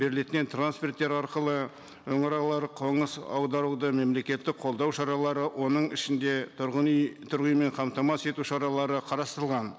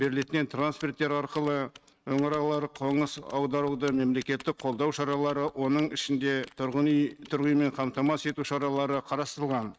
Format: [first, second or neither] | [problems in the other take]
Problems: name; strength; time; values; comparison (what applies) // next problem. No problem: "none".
first | noise reduction (neural mask model RNNoise)